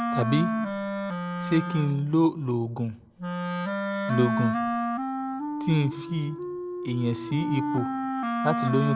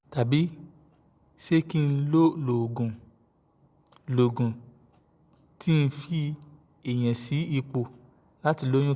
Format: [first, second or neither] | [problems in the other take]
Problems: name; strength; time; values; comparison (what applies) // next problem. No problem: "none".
second | background sound (Wind instrument, woodwind instrument); 1 dB below the speech